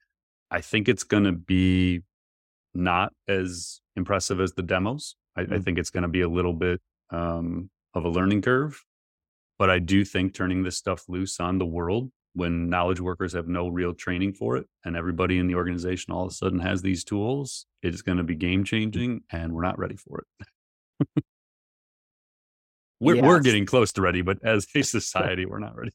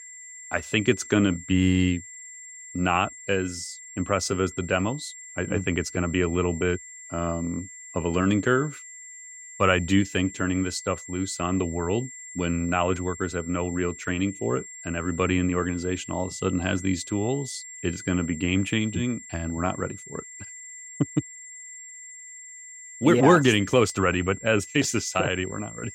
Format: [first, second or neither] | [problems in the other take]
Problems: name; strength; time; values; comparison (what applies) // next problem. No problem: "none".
first | high-pitched whine; noticeable; throughout; 7.5 kHz, 15 dB below the speech